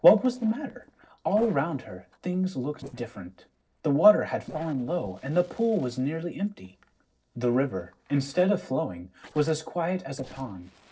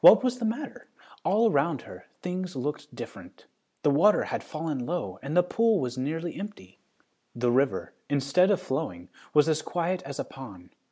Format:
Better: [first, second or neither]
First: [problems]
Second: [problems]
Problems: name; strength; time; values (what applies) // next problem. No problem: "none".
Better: second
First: noise reduction (neural separator model SepFormer DNS4)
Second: none